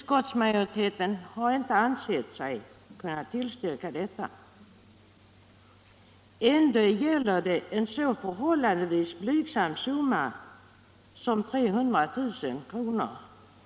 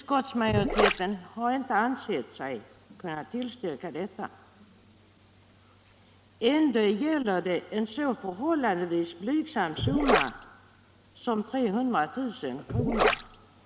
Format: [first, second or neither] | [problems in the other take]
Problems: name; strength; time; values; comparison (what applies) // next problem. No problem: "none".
first | background sound (Gurgling); 1 dB above the speech